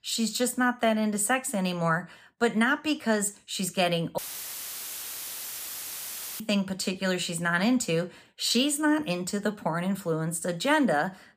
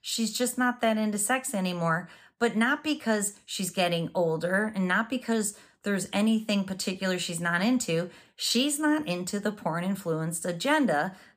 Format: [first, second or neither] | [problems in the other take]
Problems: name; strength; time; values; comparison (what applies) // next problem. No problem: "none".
second | audio cutting out; filled with static; at 4 s for 2 s